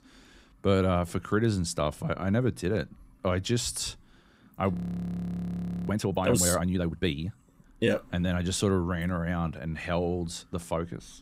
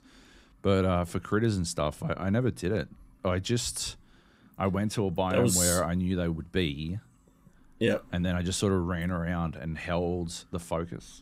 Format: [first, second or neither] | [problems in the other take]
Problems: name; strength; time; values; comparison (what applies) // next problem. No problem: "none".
second | audio freezing; at 4.5 s for 1 s